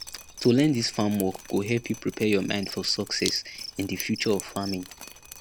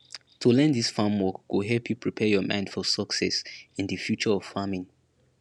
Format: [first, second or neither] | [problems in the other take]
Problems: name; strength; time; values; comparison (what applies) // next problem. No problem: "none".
second | background sound (Drip + Cricket); 14 dB below the speech